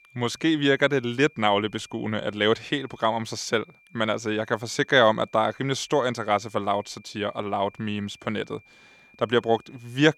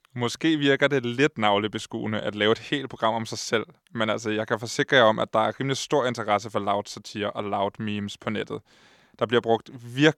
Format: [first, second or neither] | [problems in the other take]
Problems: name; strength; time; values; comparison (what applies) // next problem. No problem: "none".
second | high-pitched whine; faint; throughout; 2.5 kHz, 30 dB below the speech